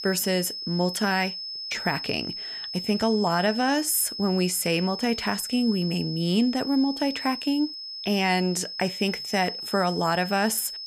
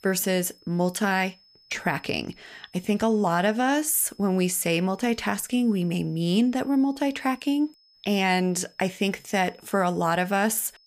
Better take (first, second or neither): second